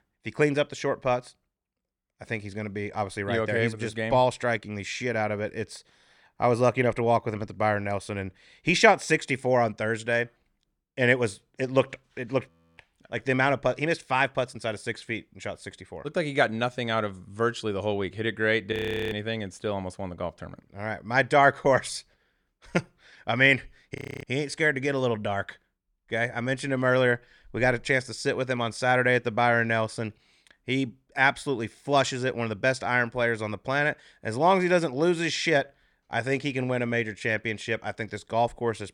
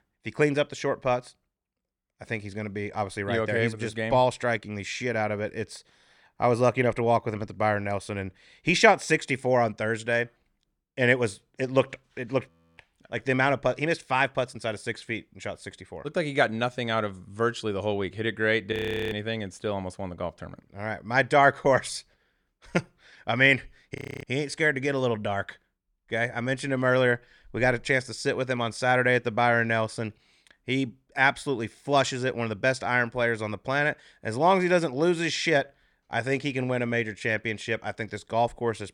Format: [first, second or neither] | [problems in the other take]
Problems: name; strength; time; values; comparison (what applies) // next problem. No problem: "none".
neither | audio freezing; at 12 s, at 19 s and at 24 s; the same in both